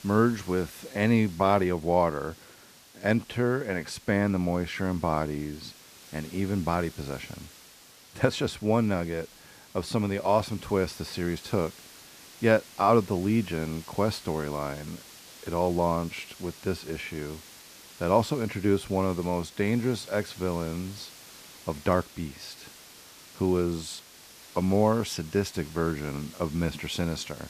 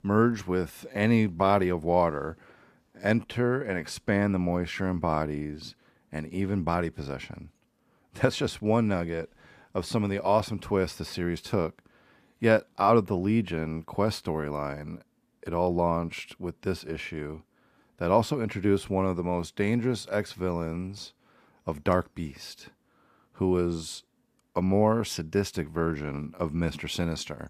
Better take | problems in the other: second | hiss; noticeable; throughout; 20 dB below the speech

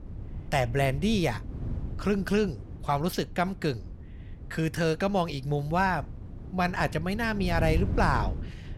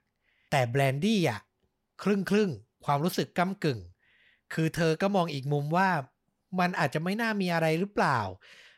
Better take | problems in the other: second | wind noise on the microphone; occasional gusts; 20 dB below the speech

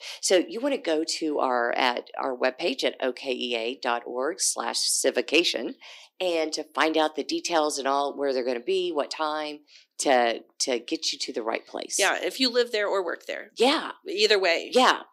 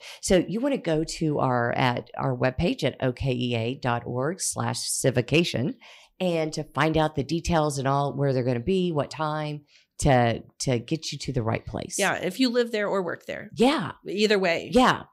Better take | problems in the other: second | thin; somewhat; fading below 300 Hz

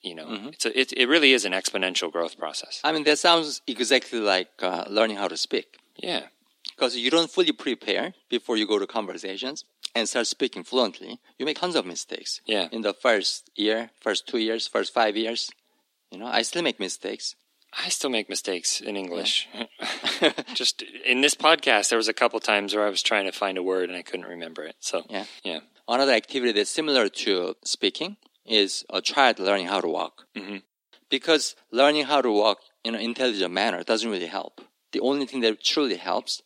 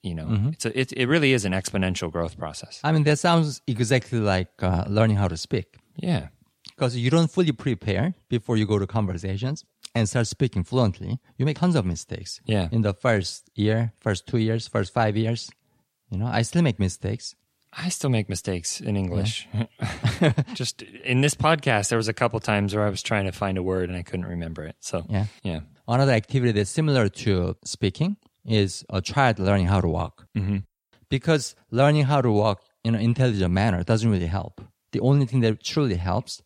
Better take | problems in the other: second | thin; somewhat; fading below 250 Hz

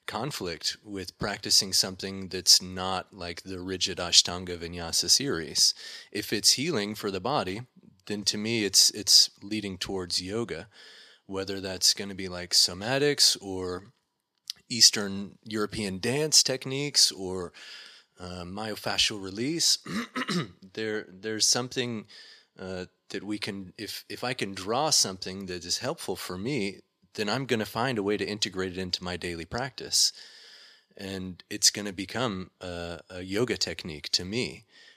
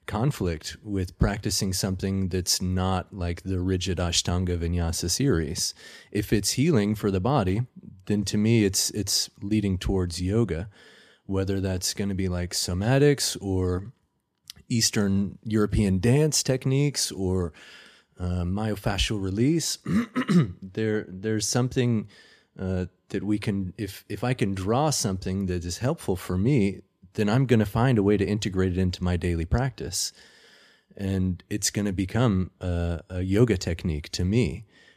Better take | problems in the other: second | thin; somewhat; fading below 650 Hz

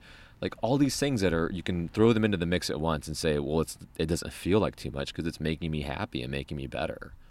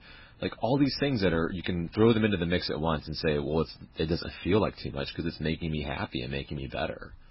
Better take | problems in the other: first | garbled, watery; badly; nothing above 5.5 kHz

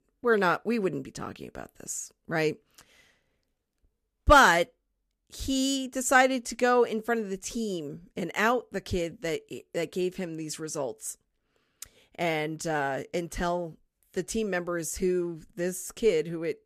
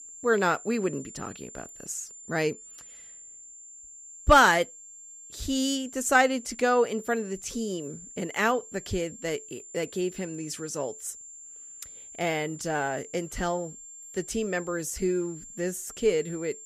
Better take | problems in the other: first | high-pitched whine; noticeable; throughout; 7.5 kHz, 15 dB below the speech

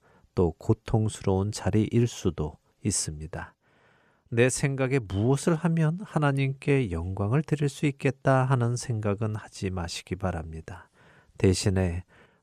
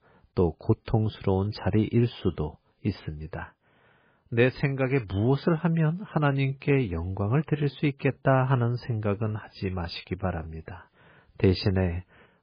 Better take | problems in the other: first | garbled, watery; badly; nothing above 11.5 kHz

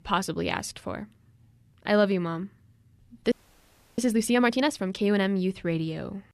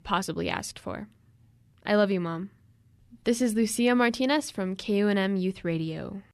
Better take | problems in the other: second | audio freezing; at 3.5 s for 0.5 s

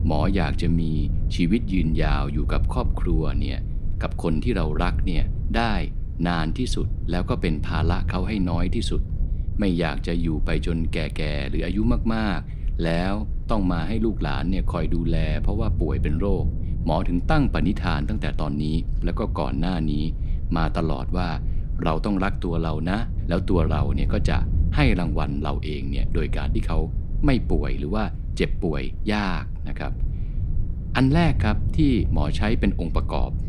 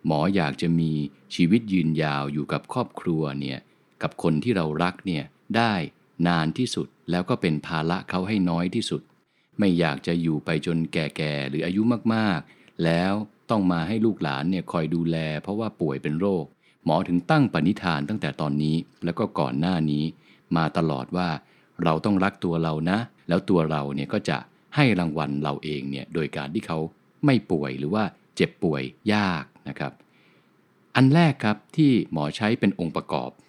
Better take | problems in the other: second | low rumble; noticeable; throughout; 15 dB below the speech

